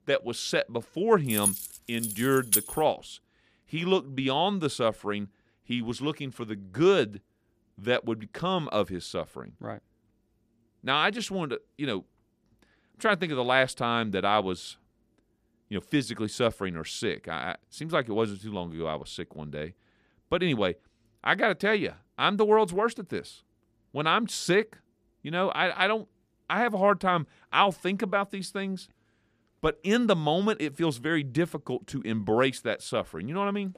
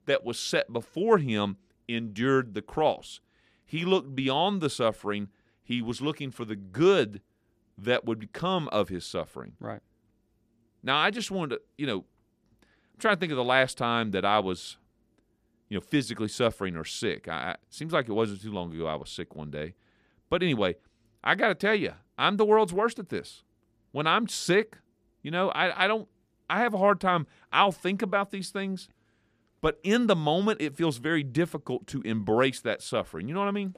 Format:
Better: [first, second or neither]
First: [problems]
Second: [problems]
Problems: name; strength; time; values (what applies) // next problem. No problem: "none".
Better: second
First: jangling keys; loud; from 1.5 to 2.5 s; peak 3 dB above the speech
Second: none